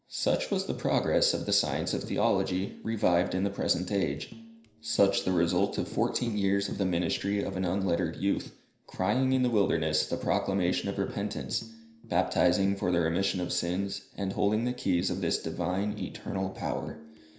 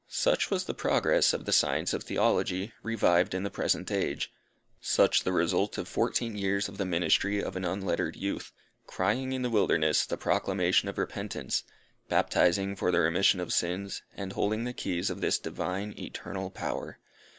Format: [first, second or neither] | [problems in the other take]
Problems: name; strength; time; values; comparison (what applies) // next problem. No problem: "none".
second | background sound (Tambourine); 18 dB below the speech // room echo; dies away in 0.5 s